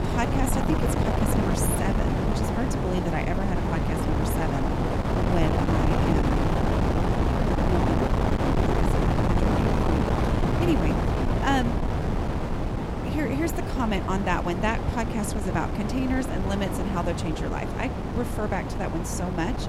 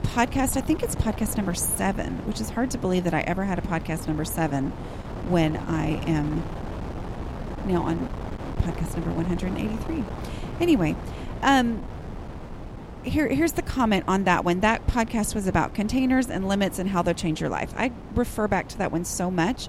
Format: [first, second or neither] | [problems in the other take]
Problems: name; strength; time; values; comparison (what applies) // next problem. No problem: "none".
second | wind noise on the microphone; heavy; 2 dB above the speech; occasional gusts in the second